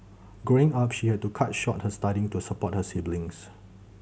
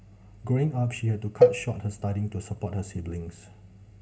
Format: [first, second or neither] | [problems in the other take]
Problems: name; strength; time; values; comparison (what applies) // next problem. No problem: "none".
first | background sound (Cowbell); 3 dB above the speech // room echo; dies away in 0.4 s